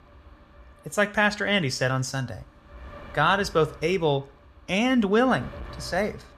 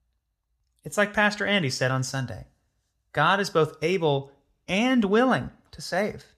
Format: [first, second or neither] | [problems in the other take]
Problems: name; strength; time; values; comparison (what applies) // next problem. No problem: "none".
second | wind noise on the microphone; occasional gusts; 25 dB below the speech